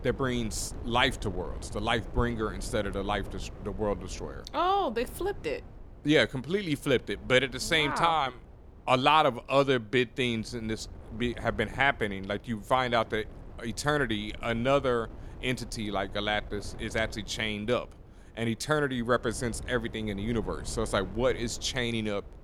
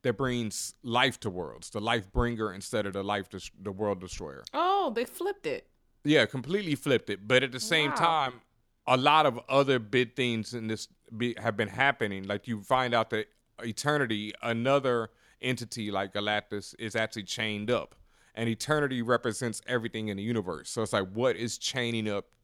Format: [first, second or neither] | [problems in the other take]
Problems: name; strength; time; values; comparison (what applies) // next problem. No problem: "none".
second | wind noise on the microphone; occasional gusts; 25 dB below the speech